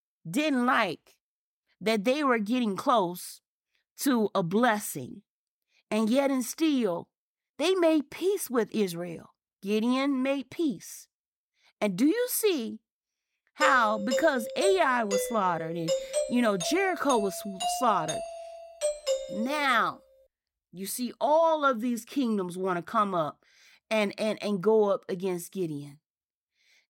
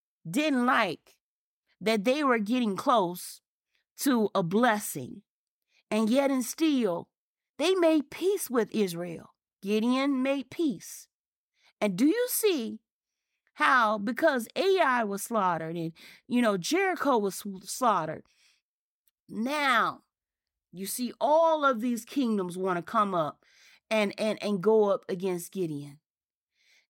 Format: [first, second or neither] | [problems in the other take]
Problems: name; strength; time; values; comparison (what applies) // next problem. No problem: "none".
second | doorbell; noticeable; from 14 to 20 s; peak 2 dB below the speech